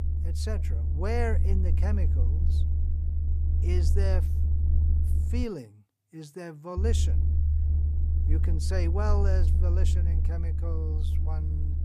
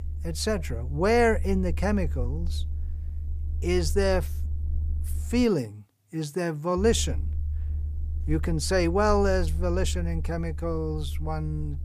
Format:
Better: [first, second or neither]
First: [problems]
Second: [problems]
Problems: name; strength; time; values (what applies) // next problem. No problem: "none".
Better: second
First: low rumble; loud; until 5.5 s and from 7 s on; 6 dB below the speech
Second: low rumble; faint; until 5.5 s and from 7 s on; 20 dB below the speech